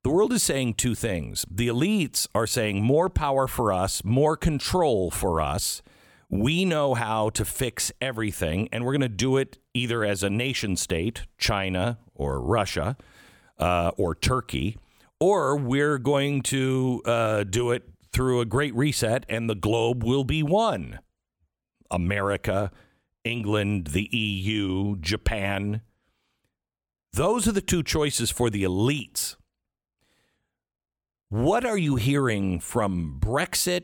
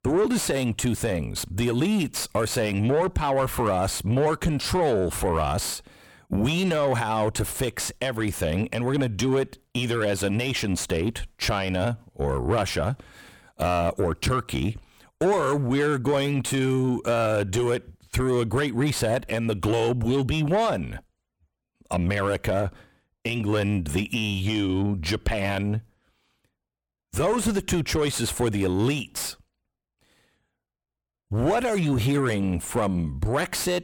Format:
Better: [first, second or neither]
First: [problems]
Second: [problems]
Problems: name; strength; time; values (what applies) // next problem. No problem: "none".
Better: first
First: none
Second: distortion; slight; 10 dB below the speech